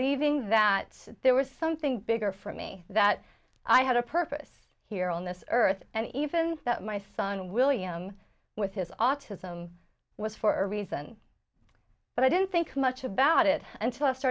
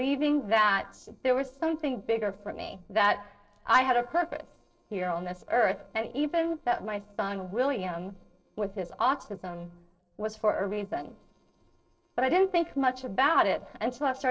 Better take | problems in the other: first | noise reduction (neural separator model SepFormer DNS4)

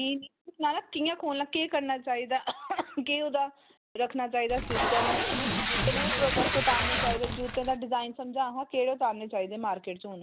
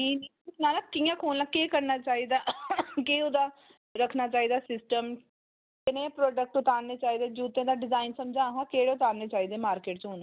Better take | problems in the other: second | background sound (Packing tape, duct tape); 2 dB above the speech

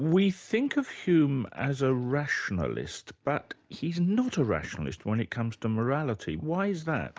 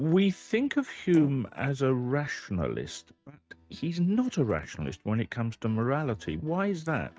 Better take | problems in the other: first | noise reduction (neural mask model RNNoise)

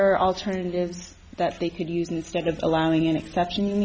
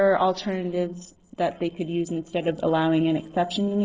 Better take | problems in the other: first | noise reduction (neural separator model SepFormer DNS4)

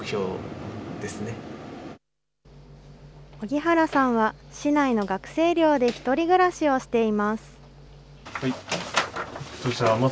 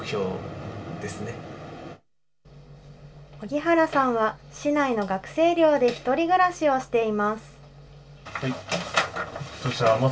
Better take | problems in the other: first | room echo; dies away in 0.2 s

